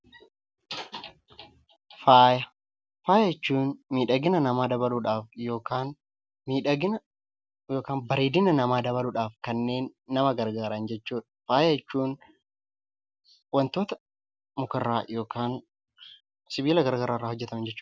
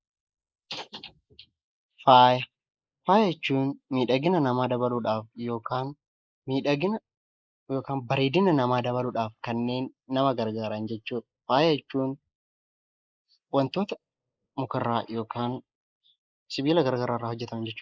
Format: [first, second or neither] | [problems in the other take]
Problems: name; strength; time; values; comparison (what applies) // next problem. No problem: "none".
first | noise reduction (neural mask model Resemble Enhance denoiser)